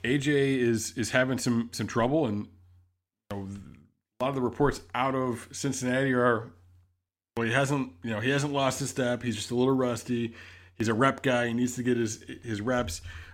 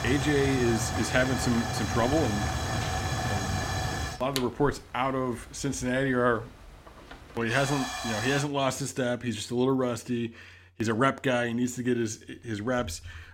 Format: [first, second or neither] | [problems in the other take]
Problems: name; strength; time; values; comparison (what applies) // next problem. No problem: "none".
first | hiss; loud; until 8.5 s; 3 dB below the speech